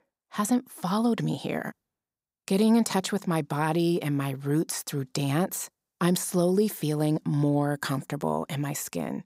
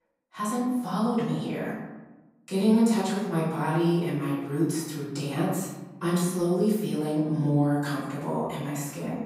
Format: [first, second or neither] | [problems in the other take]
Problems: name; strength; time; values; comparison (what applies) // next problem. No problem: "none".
first | off-mic speech; far // room echo; noticeable; dies away in 0.9 s